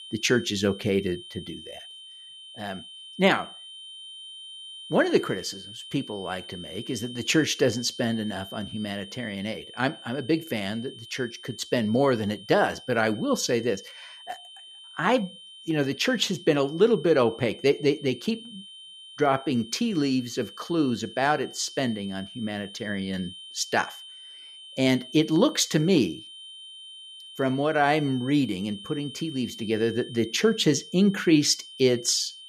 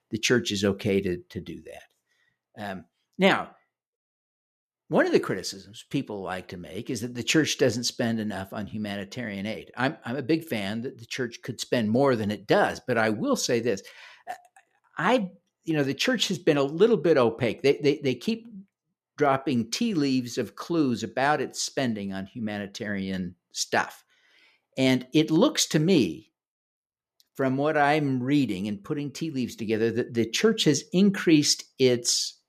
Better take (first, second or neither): second